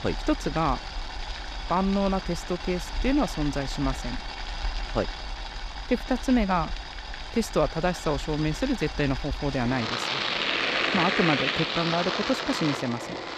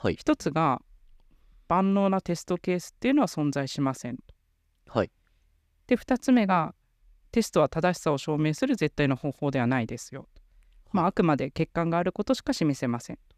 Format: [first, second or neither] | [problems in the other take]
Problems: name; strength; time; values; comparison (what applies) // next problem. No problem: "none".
second | household noises; loud; throughout; 3 dB below the speech